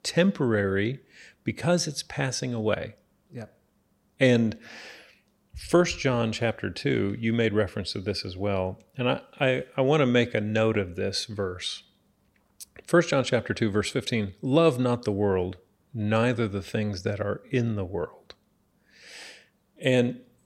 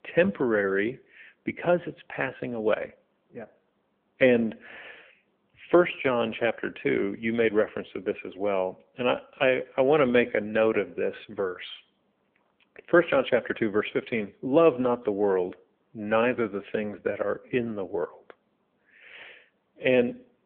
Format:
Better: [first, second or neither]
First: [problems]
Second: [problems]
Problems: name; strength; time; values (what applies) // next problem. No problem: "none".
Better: first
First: none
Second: phone-call audio